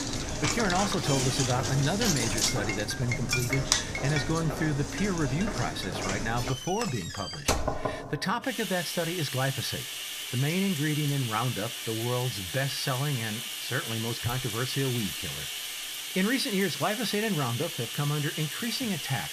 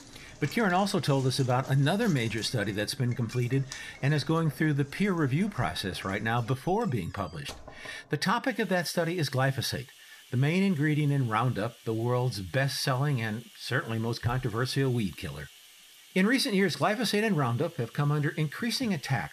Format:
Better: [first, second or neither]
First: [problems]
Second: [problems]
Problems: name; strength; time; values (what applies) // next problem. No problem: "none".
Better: second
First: household noises; loud; throughout; 1 dB below the speech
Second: household noises; faint; throughout; 20 dB below the speech